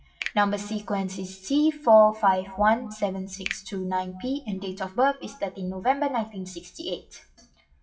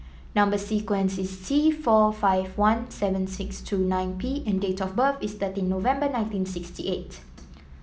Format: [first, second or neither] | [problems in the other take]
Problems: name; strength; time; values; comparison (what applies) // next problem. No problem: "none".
second | noise reduction (classical method WPE with log-MMSE)